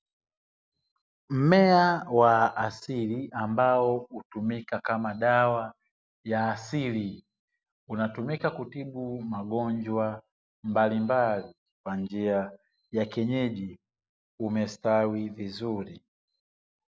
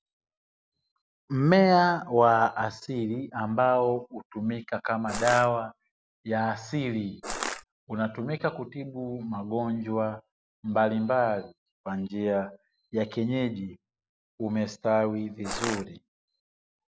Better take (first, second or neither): first